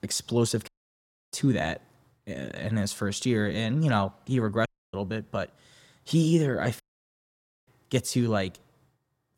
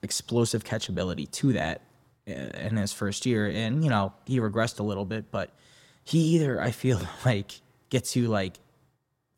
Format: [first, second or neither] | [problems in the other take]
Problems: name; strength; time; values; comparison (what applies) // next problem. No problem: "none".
second | audio cutting out; at 0.5 s for 0.5 s, at 4.5 s and at 7 s for 1 s